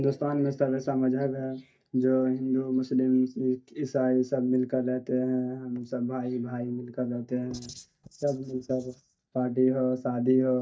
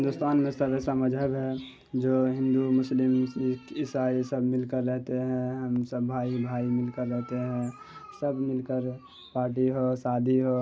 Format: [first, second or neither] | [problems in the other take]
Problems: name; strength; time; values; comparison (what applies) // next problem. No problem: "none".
second | noise reduction (neural mask model DeepFilterNet 3)